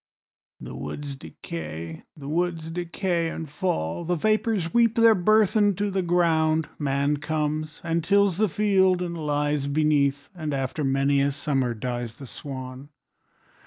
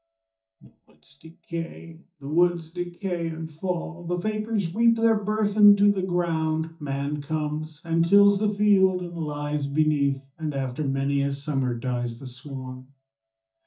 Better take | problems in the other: first | noise reduction (neural mask model DeepFilterNet 3)

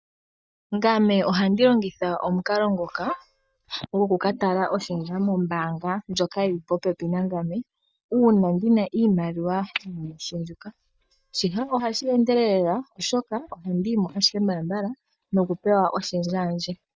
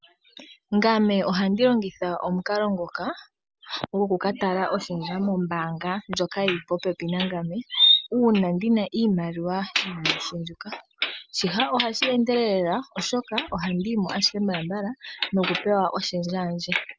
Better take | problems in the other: second | noise reduction (neural mask model DeepFilterNet 3)

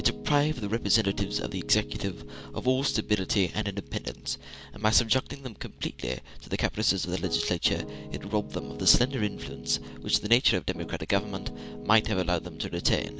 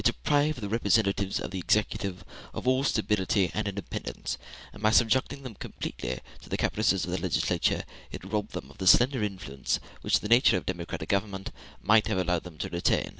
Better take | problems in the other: second | background sound (Piano); 13 dB below the speech

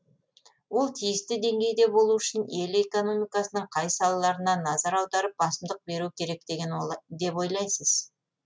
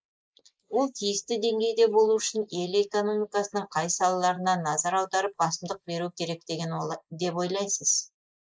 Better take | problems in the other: first | noise reduction (neural mask model Resemble Enhance denoiser)

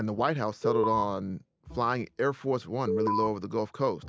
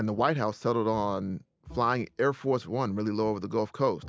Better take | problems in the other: second | background sound (Alarm); 3 dB above the speech

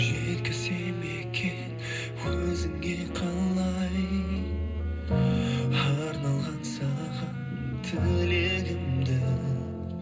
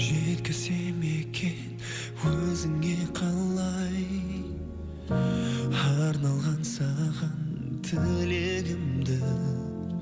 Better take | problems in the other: second | background sound (Wind instrument, woodwind instrument); 17 dB below the speech // room echo; dies away in 0.2 s

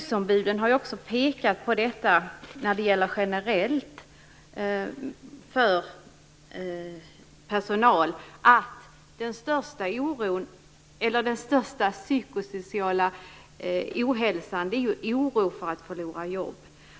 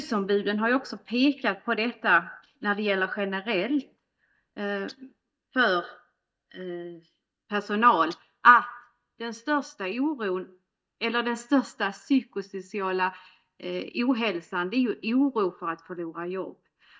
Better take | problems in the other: first | noise reduction (neural mask model DeepFilterNet 3)

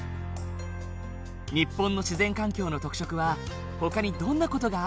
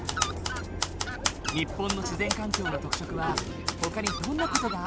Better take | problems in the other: first | background sound (Fowl + Typewriter); 1 dB above the speech

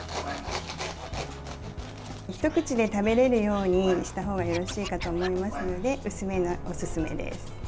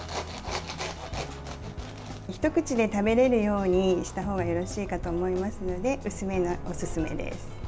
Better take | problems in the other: second | background sound (Scratching (performance technique)); 16 dB below the speech

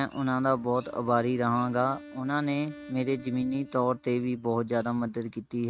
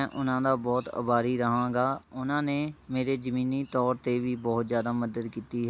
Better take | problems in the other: second | noise reduction (neural mask model RNNoise)

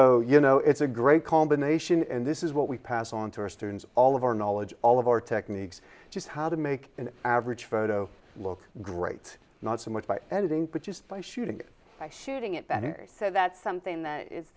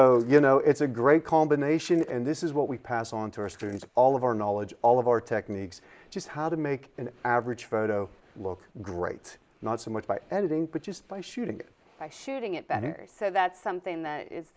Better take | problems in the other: first | noise reduction (neural mask model Resemble Enhance denoiser)

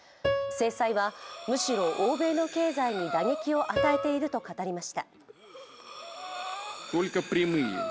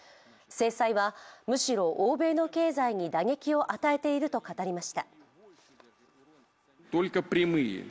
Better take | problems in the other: second | background sound (Breathing + Piano); 6 dB below the speech

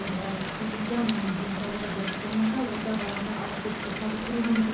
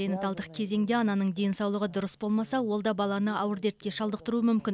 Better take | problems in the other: second | background sound (Rain); 5 dB below the speech // room echo; dies away in 0.6 s

